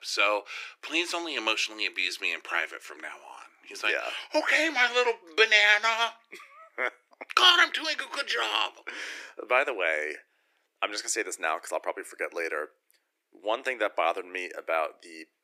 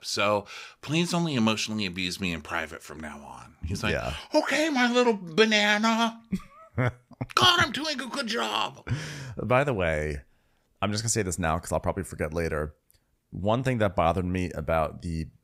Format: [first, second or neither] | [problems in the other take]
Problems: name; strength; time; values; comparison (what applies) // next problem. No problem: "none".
second | thin; very; fading below 300 Hz